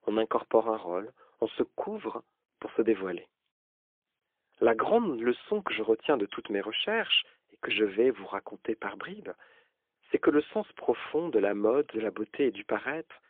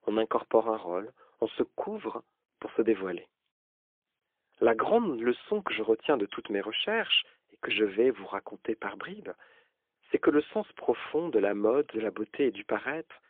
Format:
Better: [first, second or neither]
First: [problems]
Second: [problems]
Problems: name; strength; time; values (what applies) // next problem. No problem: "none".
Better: neither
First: phone-call audio; poor line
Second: phone-call audio; poor line